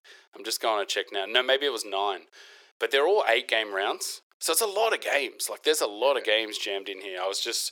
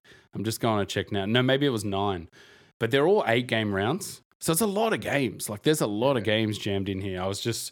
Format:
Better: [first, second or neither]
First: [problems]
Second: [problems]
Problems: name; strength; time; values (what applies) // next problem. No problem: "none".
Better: second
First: thin; very; fading below 400 Hz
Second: none